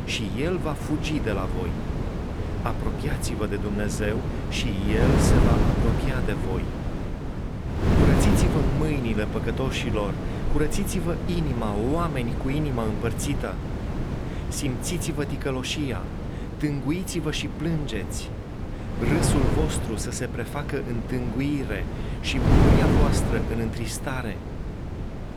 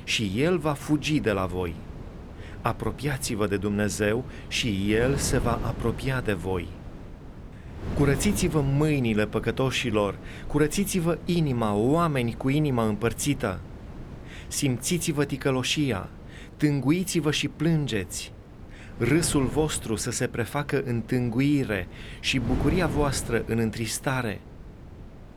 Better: second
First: wind noise on the microphone; heavy; 2 dB below the speech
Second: wind noise on the microphone; occasional gusts; 15 dB below the speech

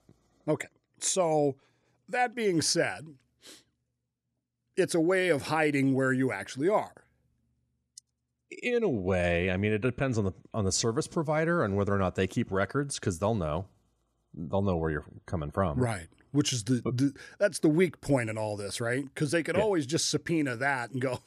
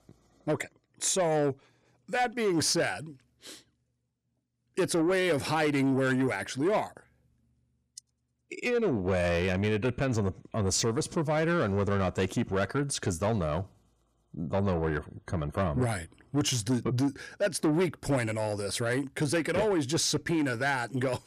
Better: first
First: none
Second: distortion; slight; 10 dB below the speech

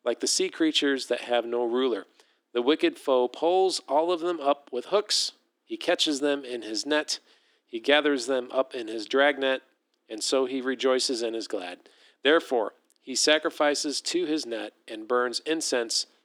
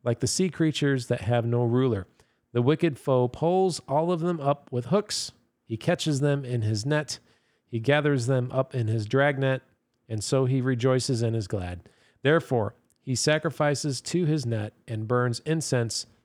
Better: second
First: thin; somewhat; fading below 300 Hz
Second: none

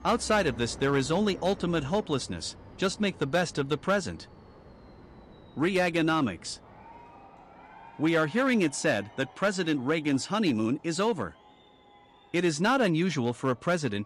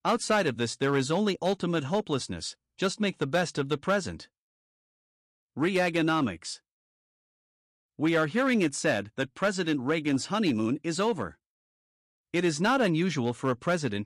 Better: second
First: train or aircraft noise; faint; throughout; 20 dB below the speech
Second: none

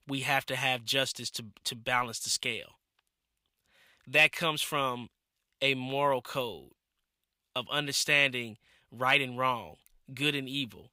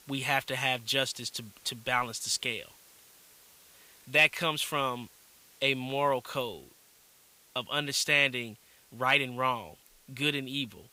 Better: first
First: none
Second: hiss; faint; throughout; 25 dB below the speech

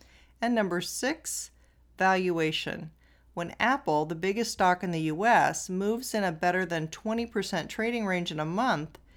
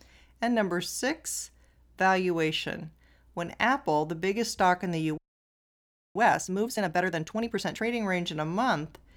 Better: first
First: none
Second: audio freezing; at 5 s for 1 s

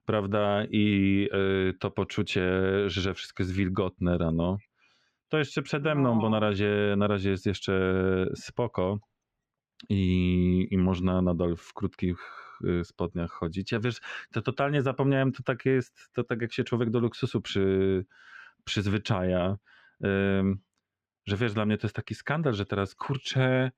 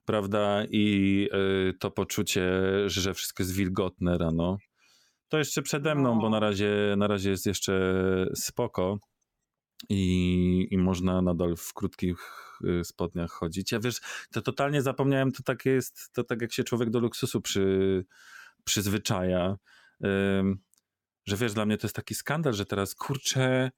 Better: second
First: muffled; slightly; fading above 3 kHz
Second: none

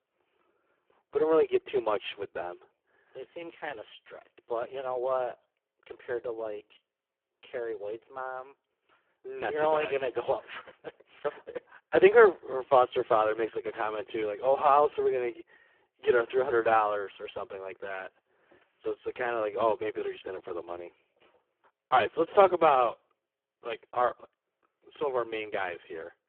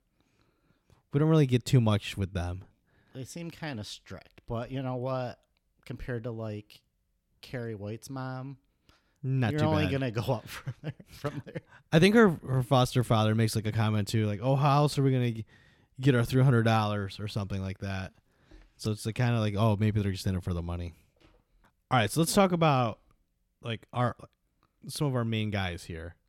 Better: second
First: phone-call audio; poor line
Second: none

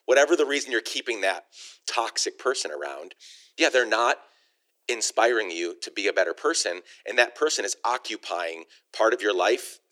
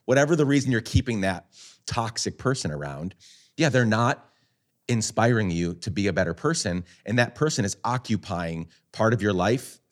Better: second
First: thin; very; fading below 350 Hz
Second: none

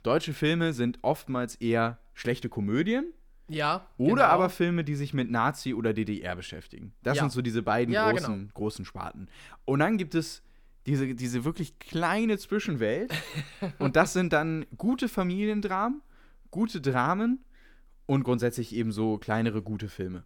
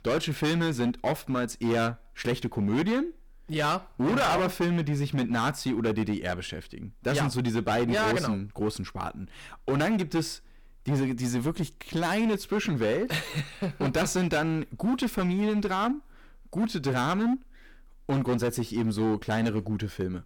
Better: first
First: none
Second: distortion; heavy; 15% of the sound clipped

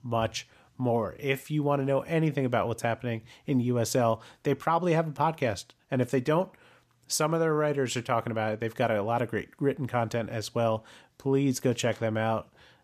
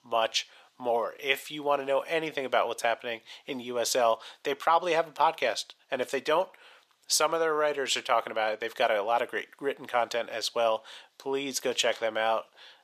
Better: first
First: none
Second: thin; very; fading below 600 Hz

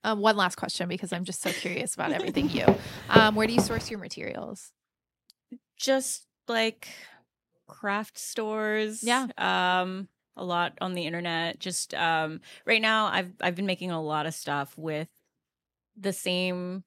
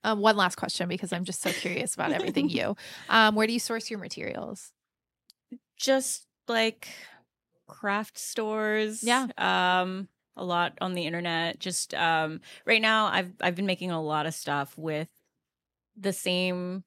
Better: second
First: footsteps; loud; from 2.5 to 4 s; peak 4 dB above the speech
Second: none

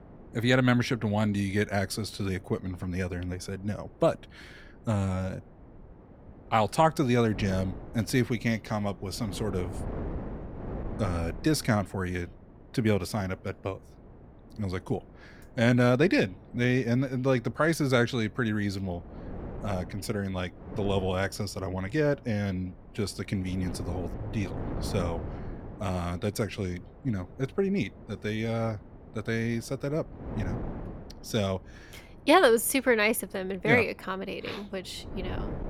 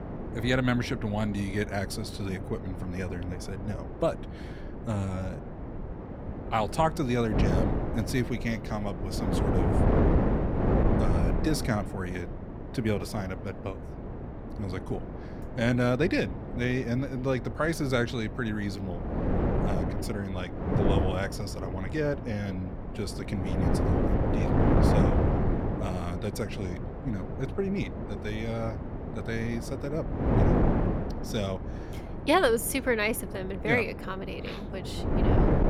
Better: first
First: wind noise on the microphone; occasional gusts; 20 dB below the speech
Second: wind noise on the microphone; heavy; 4 dB below the speech

